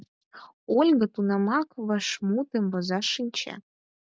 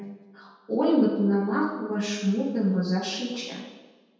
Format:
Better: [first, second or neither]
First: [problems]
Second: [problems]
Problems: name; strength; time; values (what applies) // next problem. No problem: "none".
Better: first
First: none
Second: room echo; dies away in 1.1 s